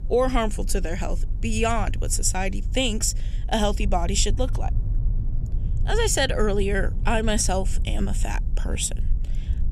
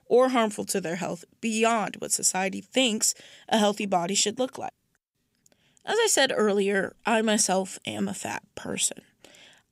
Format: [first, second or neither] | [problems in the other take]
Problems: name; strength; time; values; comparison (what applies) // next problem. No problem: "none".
second | low rumble; faint; throughout; 20 dB below the speech